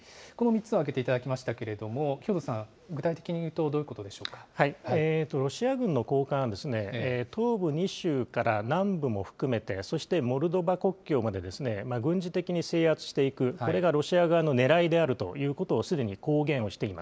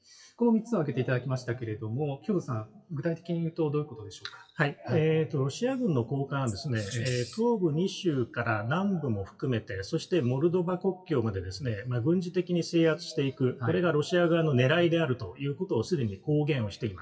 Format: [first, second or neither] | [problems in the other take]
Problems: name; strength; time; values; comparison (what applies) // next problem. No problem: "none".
first | noise reduction (classical method WPE with log-MMSE)